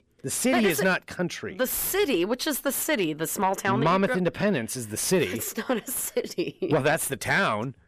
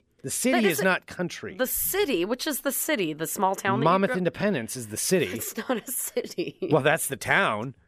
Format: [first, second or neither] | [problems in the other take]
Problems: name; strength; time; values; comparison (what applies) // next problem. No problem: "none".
second | distortion; slight; 10 dB below the speech